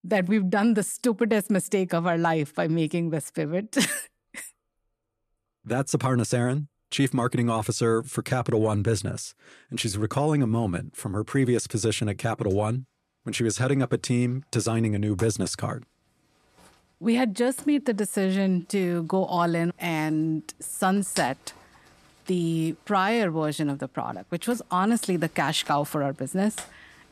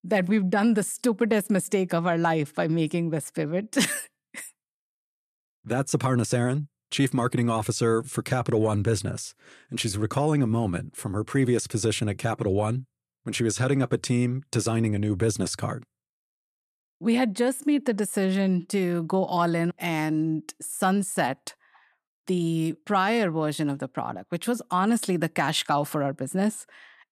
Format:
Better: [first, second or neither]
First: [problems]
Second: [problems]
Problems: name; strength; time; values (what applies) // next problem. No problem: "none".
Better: second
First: household noises; faint; throughout; 20 dB below the speech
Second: none